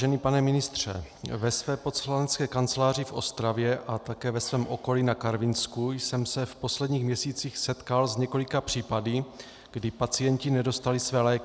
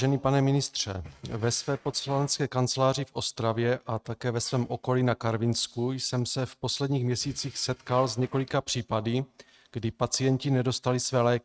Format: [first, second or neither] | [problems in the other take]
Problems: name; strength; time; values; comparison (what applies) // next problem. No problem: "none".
first | noise reduction (neural mask model RNNoise)